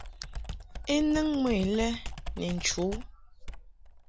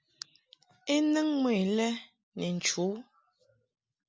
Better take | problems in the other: second | background sound (Computer keyboard); 8 dB below the speech

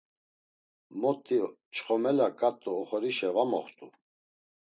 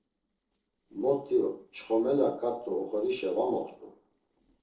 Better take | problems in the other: first | noise reduction (neural separator model SepFormer DNS4)

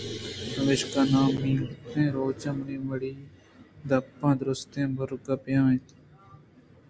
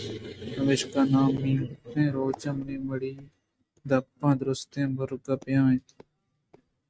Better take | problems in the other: first | noise reduction (neural mask model RNNoise)

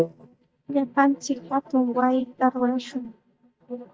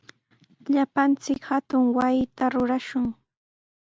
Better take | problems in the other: second | noise reduction (neural mask model DeepFilterNet 3)

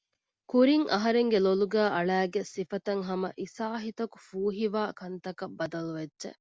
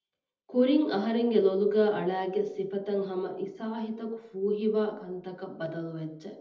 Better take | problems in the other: first | room echo; dies away in 0.8 s

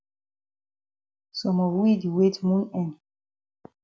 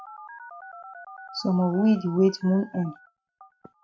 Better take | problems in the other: first | noise reduction (neural mask model RNNoise)

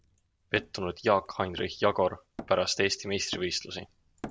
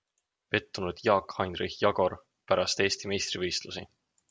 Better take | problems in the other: second | background sound (Hammer); 18 dB below the speech

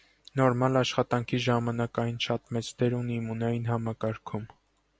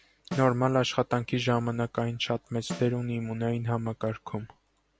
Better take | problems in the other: first | background sound (Snare drum); 17 dB below the speech

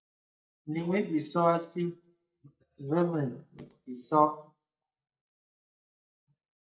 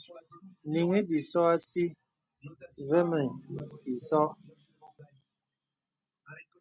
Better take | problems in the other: second | noise reduction (neural mask model DeepFilterNet 3)

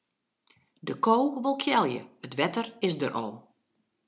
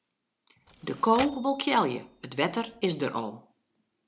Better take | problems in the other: first | background sound (Typewriter); 15 dB below the speech

